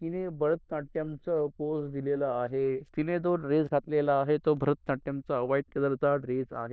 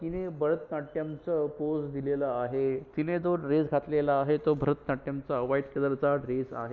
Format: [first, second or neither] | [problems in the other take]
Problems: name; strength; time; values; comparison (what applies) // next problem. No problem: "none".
second | noise reduction (neural diffusion model UNIVERSE++)